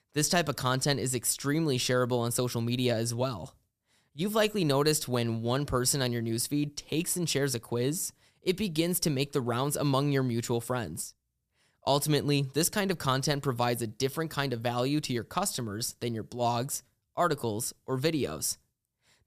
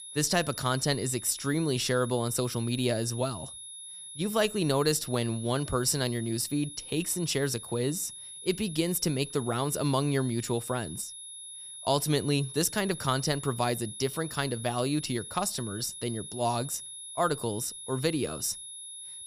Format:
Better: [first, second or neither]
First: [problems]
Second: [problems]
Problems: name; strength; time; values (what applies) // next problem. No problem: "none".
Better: first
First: none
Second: high-pitched whine; noticeable; throughout; 10.5 kHz, 10 dB below the speech